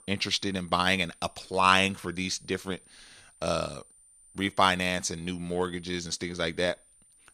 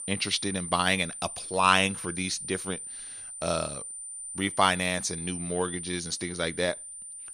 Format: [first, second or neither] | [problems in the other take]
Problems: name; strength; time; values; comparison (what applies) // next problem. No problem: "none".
first | high-pitched whine; loud; throughout; 9 kHz, 8 dB below the speech; faint in the first